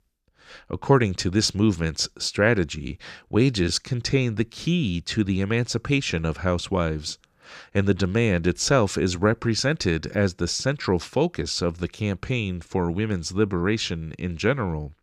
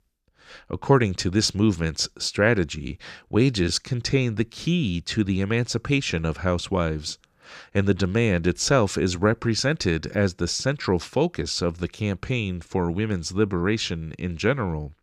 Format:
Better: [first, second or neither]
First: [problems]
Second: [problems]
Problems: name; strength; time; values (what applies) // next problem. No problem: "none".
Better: neither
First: none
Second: none